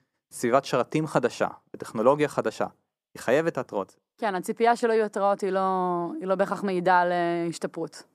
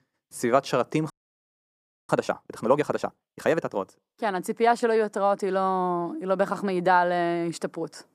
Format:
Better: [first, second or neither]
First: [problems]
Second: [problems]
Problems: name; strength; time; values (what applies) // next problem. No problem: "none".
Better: first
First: none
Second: audio freezing; at 1 s for 1 s